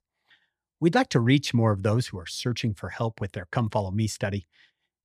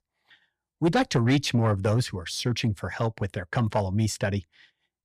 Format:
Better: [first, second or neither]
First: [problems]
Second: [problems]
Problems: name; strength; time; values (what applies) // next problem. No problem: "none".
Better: first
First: none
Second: distortion; slight; 10 dB below the speech